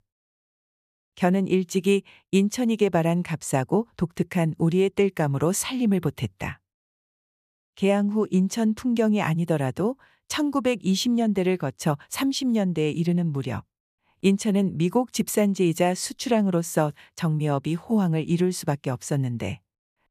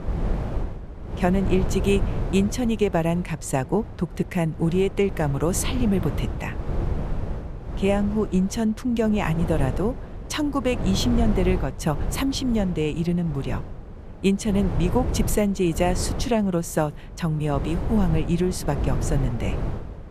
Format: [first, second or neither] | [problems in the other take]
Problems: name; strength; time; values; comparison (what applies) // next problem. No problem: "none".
first | wind noise on the microphone; occasional gusts; 10 dB below the speech